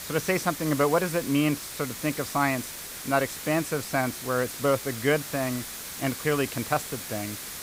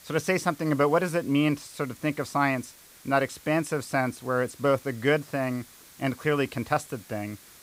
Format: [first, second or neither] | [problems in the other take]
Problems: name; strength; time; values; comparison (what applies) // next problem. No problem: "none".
second | hiss; loud; throughout; 8 dB below the speech; faint in the second